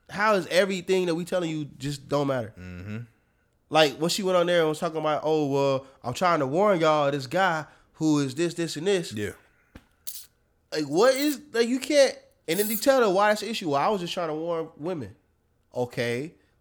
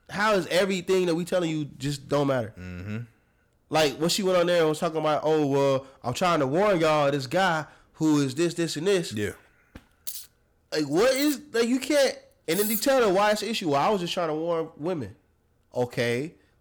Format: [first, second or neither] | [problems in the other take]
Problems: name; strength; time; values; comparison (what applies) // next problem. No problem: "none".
first | distortion; slight; 7% of the sound clipped